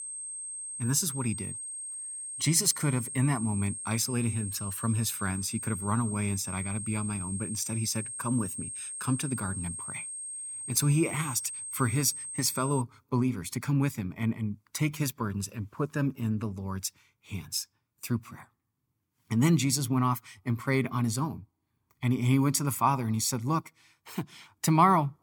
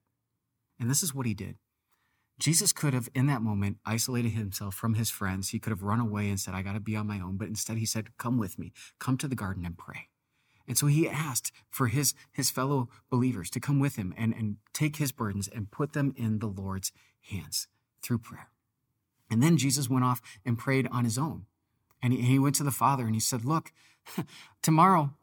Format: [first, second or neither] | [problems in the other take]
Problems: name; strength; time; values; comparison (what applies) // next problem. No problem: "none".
second | high-pitched whine; loud; until 13 s; 8.5 kHz, 6 dB below the speech